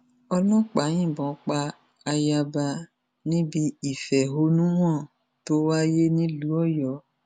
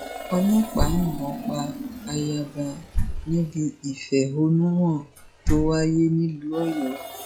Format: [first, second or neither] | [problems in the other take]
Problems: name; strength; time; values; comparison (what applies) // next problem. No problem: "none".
first | noise reduction (classical method log-MMSE)